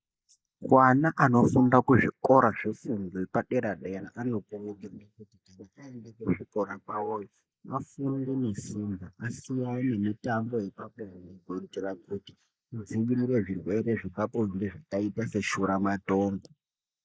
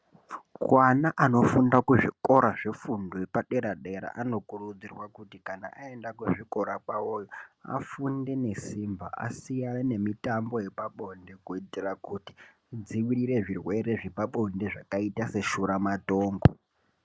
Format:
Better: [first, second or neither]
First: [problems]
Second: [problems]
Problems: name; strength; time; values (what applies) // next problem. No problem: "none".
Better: second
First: noise reduction (neural mask model Resemble Enhance denoiser)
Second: none